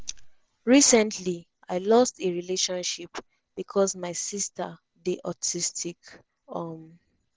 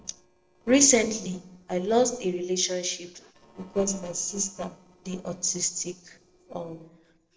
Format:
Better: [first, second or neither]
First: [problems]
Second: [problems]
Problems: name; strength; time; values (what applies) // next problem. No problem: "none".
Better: first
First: none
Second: noise reduction (neural separator model SepFormer DNS4)